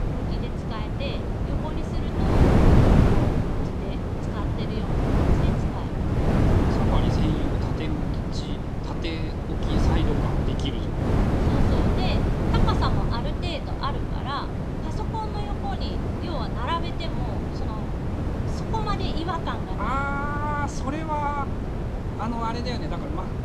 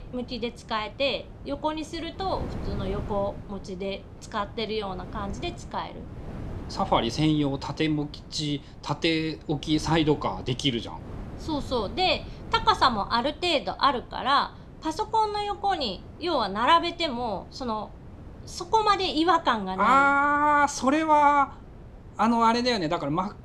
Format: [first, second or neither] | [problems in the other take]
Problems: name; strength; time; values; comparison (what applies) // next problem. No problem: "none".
second | wind noise on the microphone; heavy; 1 dB above the speech; occasional gusts in the second